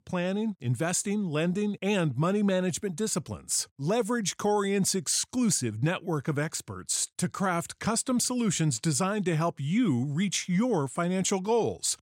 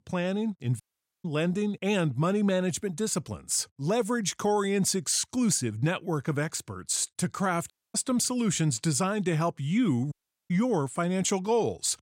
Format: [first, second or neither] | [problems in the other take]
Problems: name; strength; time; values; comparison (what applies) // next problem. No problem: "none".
first | audio cutting out; at 1 s, at 7.5 s and at 10 s